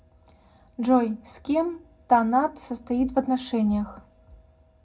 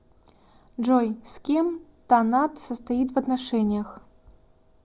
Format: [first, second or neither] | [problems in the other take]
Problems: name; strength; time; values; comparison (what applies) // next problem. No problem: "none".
second | room echo; dies away in 0.3 s